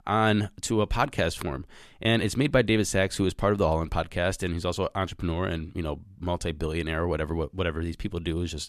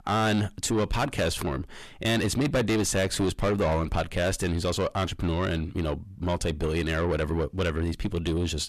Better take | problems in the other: first | distortion; heavy; 8 dB below the speech

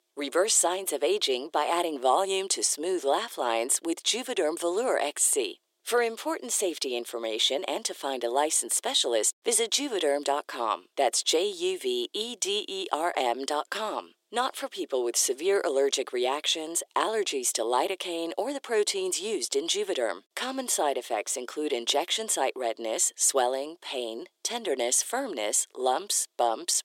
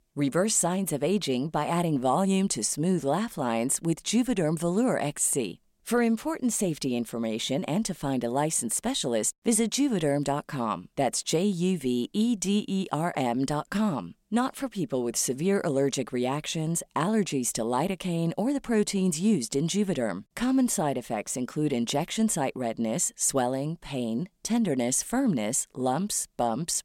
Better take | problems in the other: second | thin; very; fading below 350 Hz

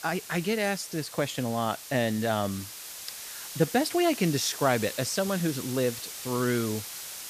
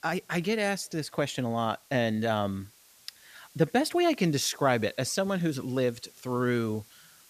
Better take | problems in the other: second | hiss; loud; throughout; 10 dB below the speech; faint in the second

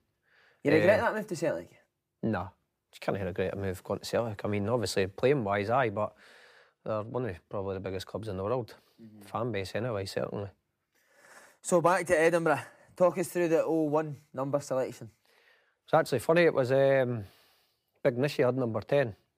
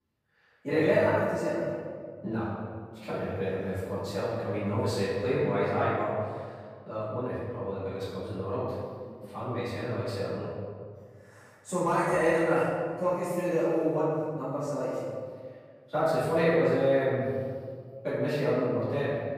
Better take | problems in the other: first | off-mic speech; far // room echo; strong; dies away in 1.7 s

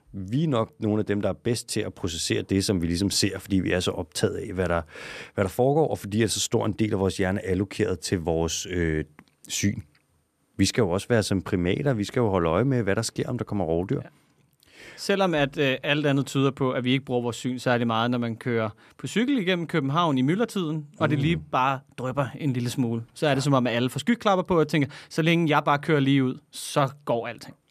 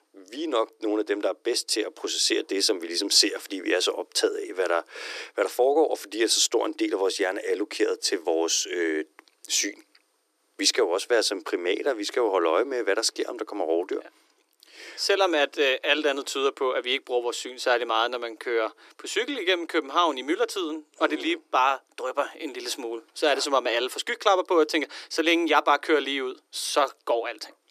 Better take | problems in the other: first | thin; very; fading below 300 Hz

